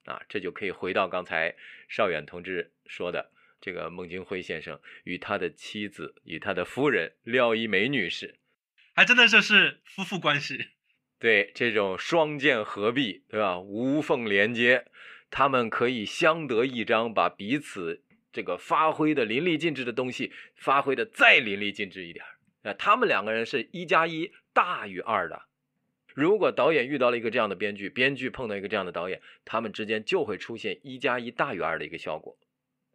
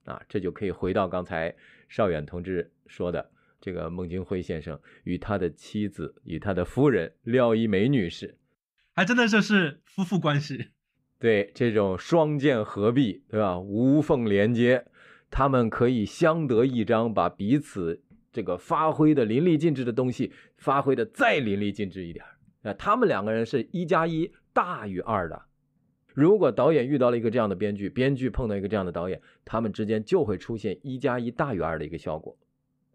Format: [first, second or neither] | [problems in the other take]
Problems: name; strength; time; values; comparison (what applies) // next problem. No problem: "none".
second | thin; somewhat; fading below 500 Hz